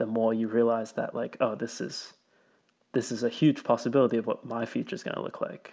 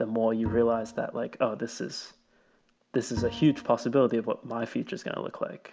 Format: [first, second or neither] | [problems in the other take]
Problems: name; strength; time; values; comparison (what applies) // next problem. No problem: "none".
first | background sound (Bowed string instrument); 14 dB below the speech